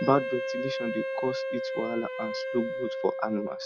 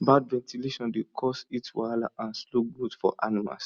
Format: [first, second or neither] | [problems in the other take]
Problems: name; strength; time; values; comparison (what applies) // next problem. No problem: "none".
second | background sound (Wind instrument, woodwind instrument); 2 dB below the speech